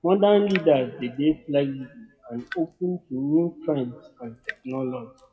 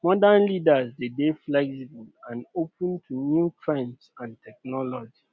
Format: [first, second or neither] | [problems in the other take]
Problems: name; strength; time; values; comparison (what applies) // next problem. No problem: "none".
second | noise reduction (classical method WPE with log-MMSE)